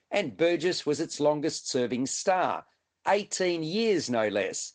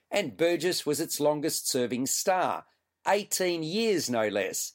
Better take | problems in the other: second | garbled, watery; slightly

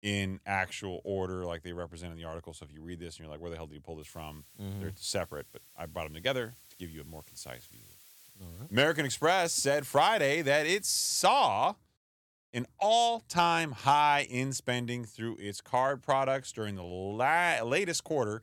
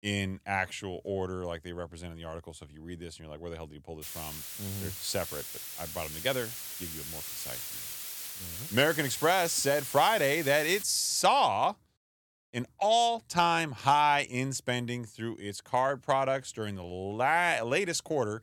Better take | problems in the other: first | hiss; loud; from 4 to 11 s; 9 dB below the speech; faint in the first

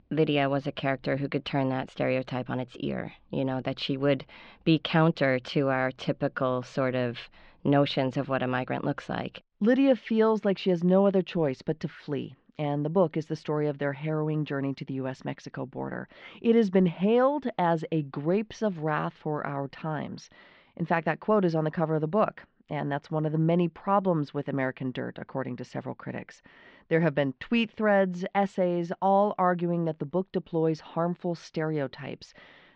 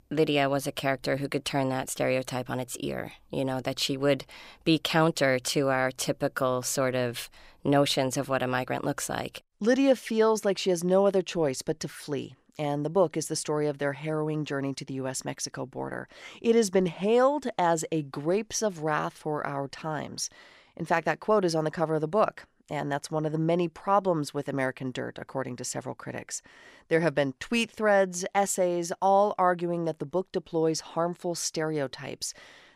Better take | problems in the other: second | muffled; slightly; fading above 3.5 kHz

